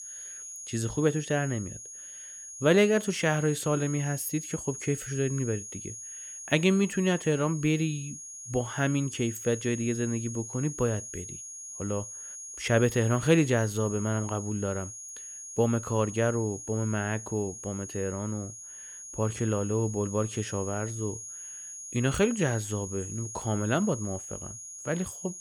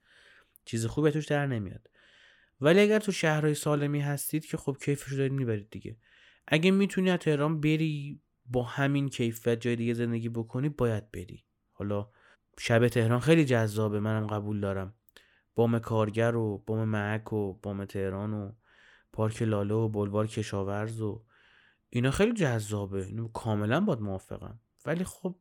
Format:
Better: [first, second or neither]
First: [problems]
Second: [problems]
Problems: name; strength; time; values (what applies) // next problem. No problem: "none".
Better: second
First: high-pitched whine; loud; throughout; 6.5 kHz, 10 dB below the speech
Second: none